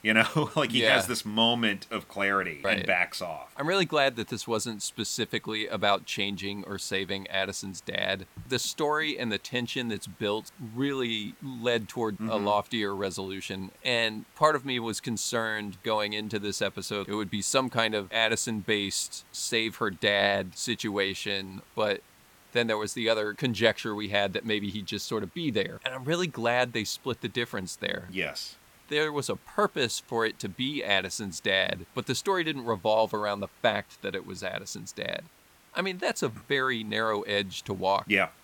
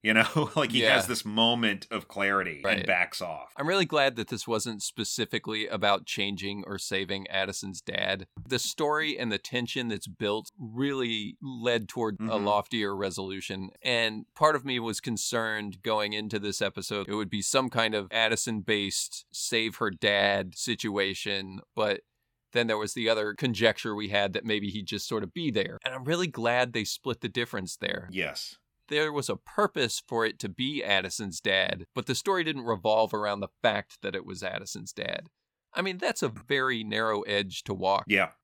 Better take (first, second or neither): second